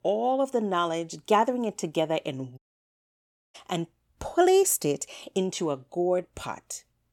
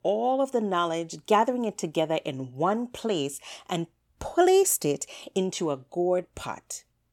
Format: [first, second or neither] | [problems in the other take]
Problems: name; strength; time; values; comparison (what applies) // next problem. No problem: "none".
second | audio cutting out; at 2.5 s for 1 s